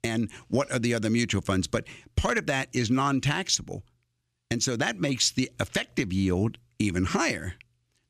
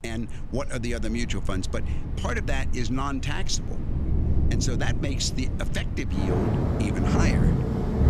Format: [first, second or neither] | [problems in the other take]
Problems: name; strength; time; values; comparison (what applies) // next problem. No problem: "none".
first | rain or running water; very loud; throughout; 3 dB above the speech